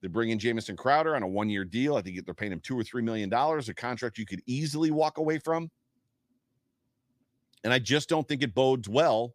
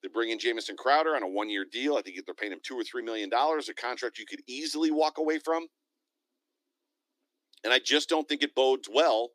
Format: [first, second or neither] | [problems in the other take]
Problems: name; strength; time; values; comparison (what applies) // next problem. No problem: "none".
first | thin; somewhat; fading below 300 Hz